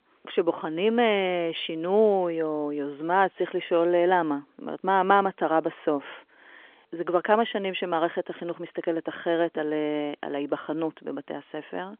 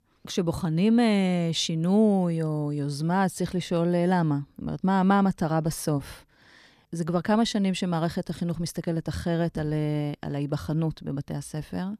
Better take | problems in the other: second | phone-call audio; nothing above 3.5 kHz

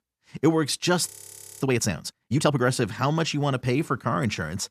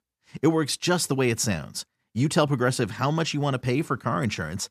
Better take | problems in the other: second | audio freezing; at 1 s for 0.5 s

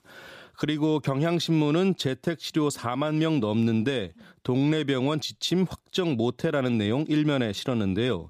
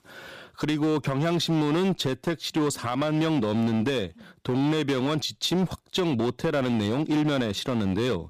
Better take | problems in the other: first | distortion; slight; 14% of the sound clipped

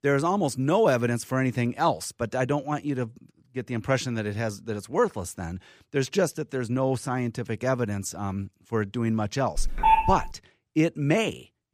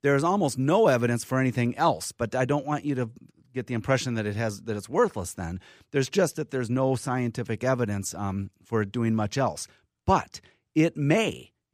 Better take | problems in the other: second | phone ringing; loud; at 9.5 s; peak 6 dB above the speech

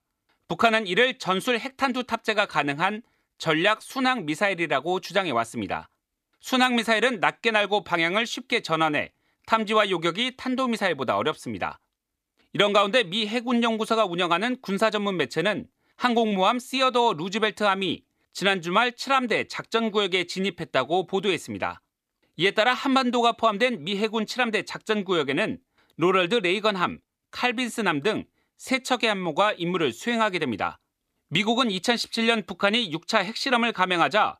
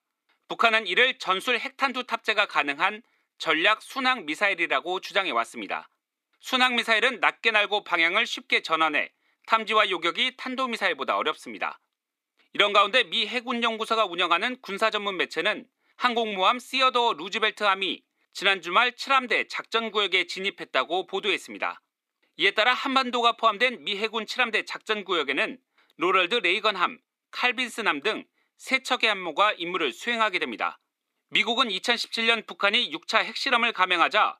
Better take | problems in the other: first | thin; somewhat; fading below 250 Hz

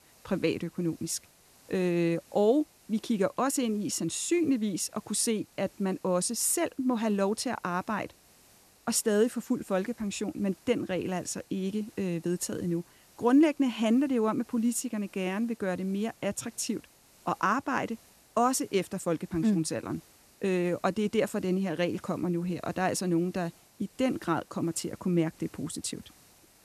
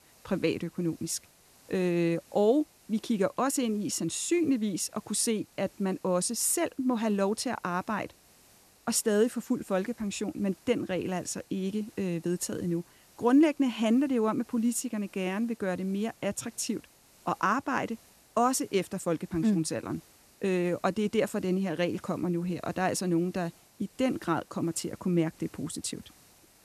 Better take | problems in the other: neither | hiss; faint; throughout; 25 dB below the speech; the same in both

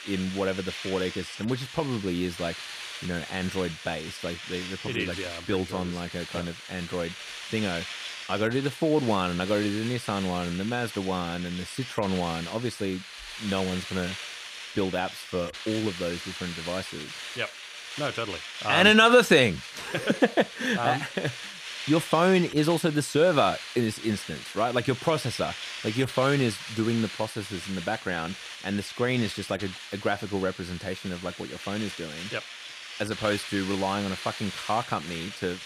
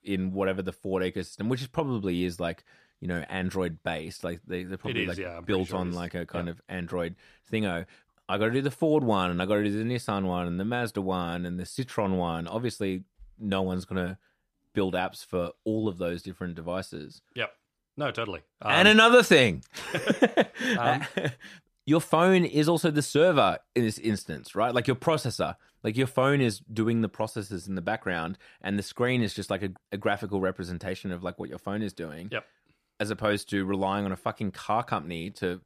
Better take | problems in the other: second | hiss; loud; throughout; 10 dB below the speech

